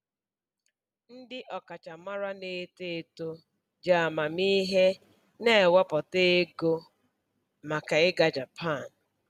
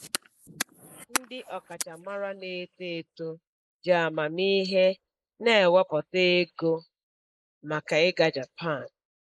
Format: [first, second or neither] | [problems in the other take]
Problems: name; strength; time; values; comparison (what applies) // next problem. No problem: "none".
first | noise reduction (neural mask model Resemble Enhance denoiser)